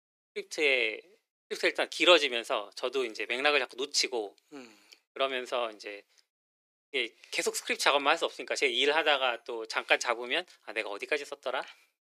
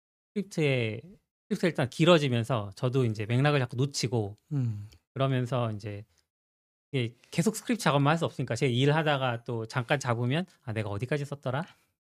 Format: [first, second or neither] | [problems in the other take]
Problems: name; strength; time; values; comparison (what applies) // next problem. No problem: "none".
second | thin; very; fading below 350 Hz